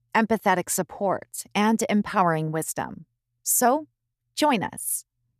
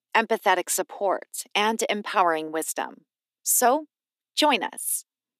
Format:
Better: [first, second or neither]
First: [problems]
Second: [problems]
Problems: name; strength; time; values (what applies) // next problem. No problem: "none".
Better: first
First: none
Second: thin; somewhat; fading below 300 Hz